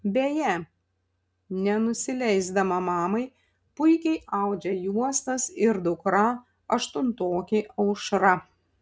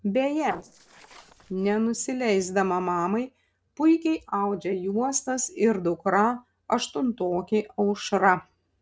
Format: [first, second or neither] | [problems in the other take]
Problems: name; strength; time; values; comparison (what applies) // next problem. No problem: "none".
first | noise reduction (neural separator model SepFormer DNS4)